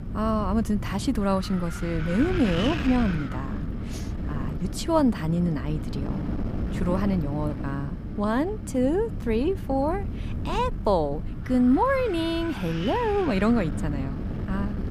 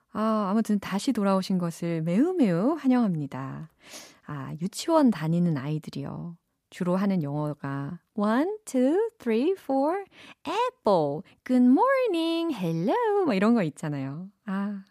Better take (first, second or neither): second